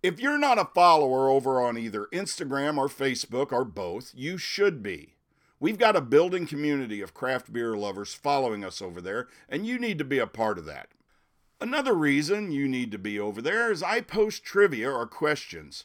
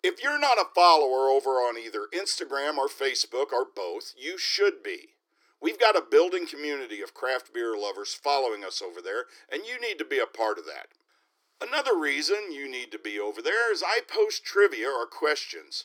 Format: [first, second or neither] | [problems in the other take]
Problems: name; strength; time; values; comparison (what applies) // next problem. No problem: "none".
first | thin; very; fading below 300 Hz